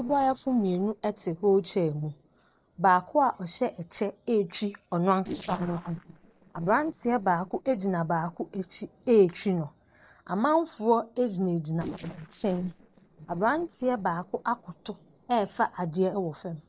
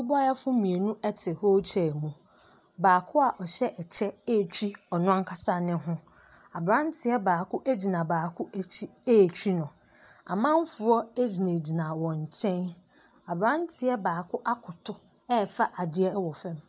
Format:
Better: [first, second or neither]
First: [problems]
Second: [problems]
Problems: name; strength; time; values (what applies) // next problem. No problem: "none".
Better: second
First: noise reduction (neural separator model SepFormer DNS4)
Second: none